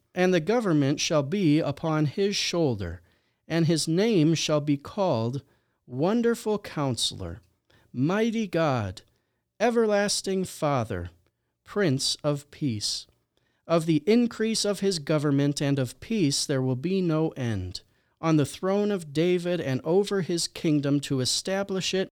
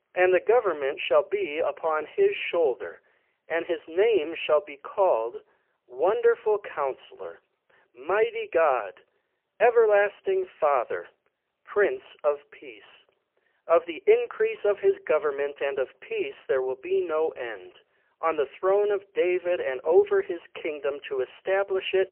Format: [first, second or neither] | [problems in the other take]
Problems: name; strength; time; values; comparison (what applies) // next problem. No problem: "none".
first | phone-call audio; poor line; nothing above 3 kHz